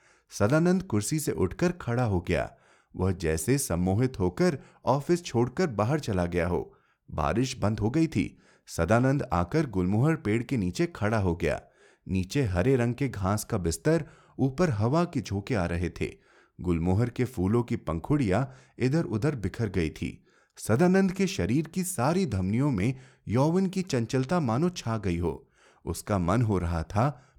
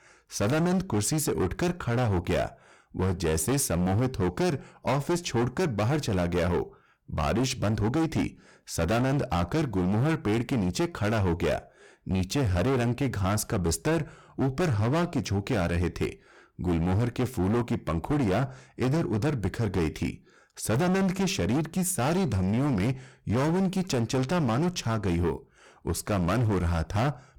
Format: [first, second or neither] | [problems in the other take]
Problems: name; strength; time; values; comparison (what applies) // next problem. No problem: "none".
first | distortion; heavy; 22% of the sound clipped